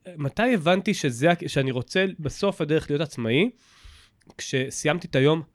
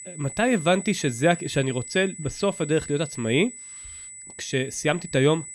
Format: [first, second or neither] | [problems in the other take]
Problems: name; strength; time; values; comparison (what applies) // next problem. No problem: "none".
first | high-pitched whine; noticeable; throughout; 8 kHz, 15 dB below the speech